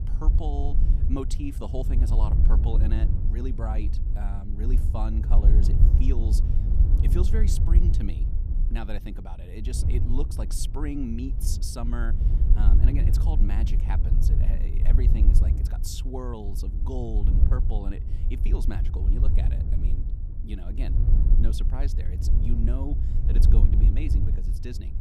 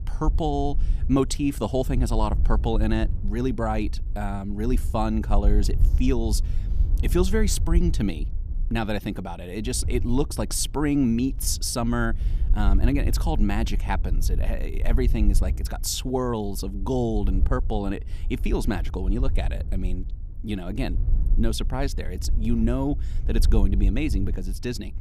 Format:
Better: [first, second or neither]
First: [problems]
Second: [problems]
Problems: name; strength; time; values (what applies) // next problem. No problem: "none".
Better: second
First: wind noise on the microphone; heavy; 3 dB below the speech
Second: wind noise on the microphone; occasional gusts; 20 dB below the speech